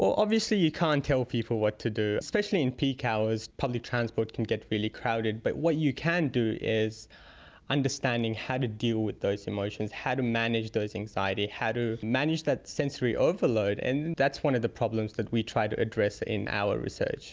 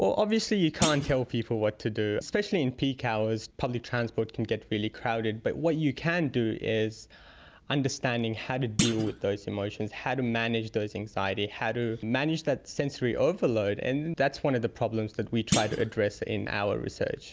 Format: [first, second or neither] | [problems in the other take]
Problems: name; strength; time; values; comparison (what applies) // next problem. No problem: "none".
first | background sound (Thump, thud); 6 dB below the speech